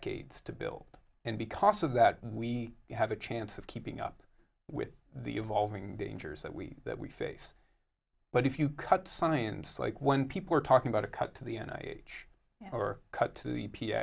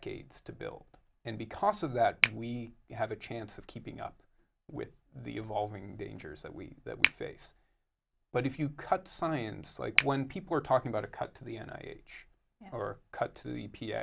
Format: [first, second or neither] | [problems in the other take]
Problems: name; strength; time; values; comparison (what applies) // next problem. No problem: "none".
first | background sound (Finger snapping); 1 dB below the speech